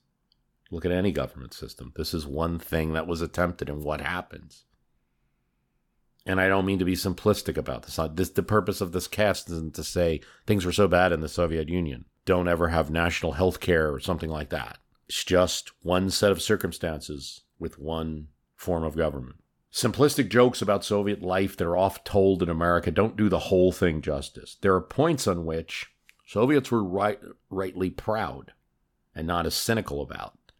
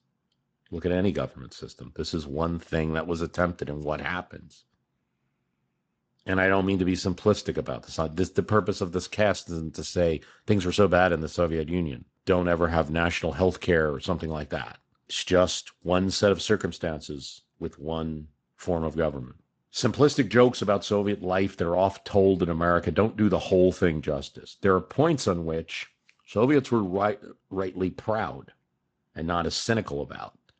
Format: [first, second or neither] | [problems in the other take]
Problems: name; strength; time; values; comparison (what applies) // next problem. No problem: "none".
first | garbled, watery; slightly; nothing above 8 kHz